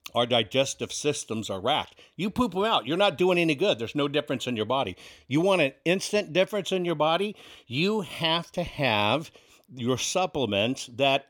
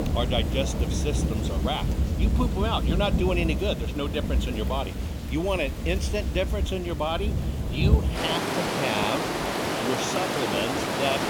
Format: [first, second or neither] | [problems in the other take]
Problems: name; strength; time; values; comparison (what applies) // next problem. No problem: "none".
first | rain or running water; very loud; throughout; 2 dB above the speech